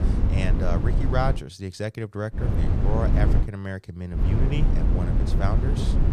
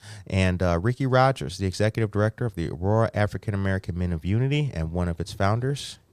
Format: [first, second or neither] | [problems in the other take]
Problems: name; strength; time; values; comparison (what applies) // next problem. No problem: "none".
second | low rumble; loud; until 1.5 s, from 2.5 to 3.5 s and from 4 s on; 3 dB below the speech